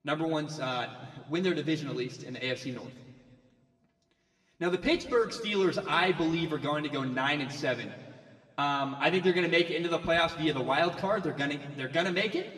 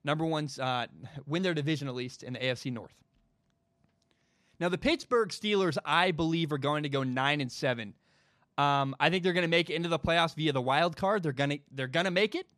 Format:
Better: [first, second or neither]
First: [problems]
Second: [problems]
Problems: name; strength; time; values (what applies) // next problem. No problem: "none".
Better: second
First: room echo; slight; dies away in 1.5 s // off-mic speech; somewhat distant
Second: none